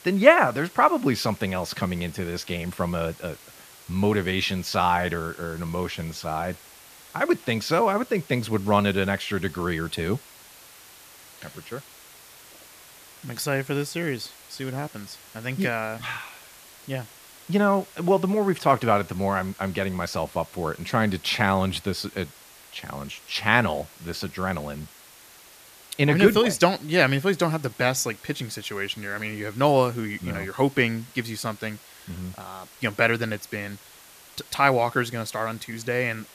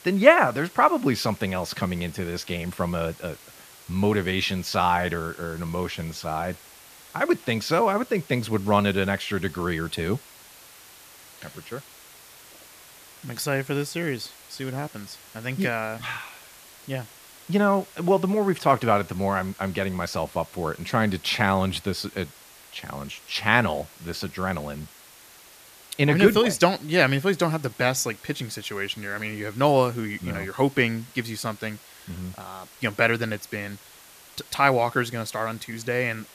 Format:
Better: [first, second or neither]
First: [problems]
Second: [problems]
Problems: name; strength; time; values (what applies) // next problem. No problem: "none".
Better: neither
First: hiss; faint; throughout; 20 dB below the speech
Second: hiss; faint; throughout; 20 dB below the speech